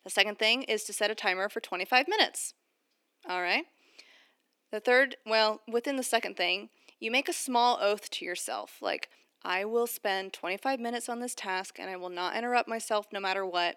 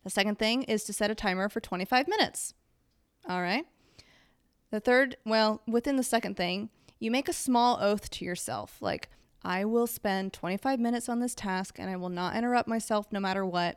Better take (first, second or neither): second